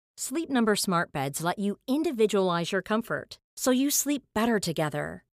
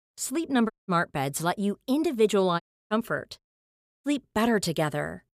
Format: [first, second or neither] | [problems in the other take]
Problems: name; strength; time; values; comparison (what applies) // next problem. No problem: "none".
first | audio cutting out; at 0.5 s, at 2.5 s and at 3.5 s for 0.5 s